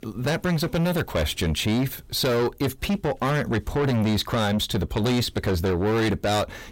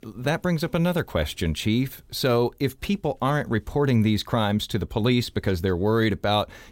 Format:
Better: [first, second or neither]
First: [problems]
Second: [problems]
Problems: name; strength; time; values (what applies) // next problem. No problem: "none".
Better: second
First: distortion; heavy; 6 dB below the speech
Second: none